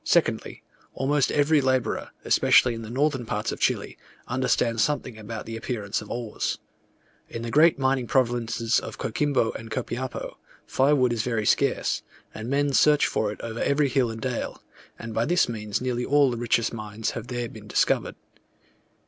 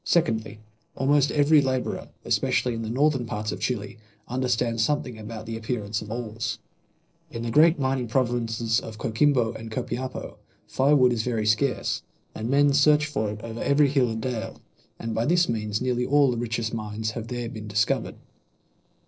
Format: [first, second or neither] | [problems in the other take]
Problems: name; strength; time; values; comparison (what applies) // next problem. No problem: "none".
first | noise reduction (neural separator model SepFormer DNS4)